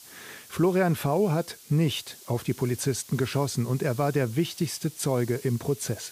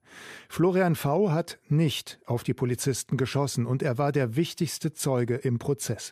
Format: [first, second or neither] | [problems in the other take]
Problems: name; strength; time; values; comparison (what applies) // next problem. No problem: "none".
second | hiss; noticeable; throughout; 20 dB below the speech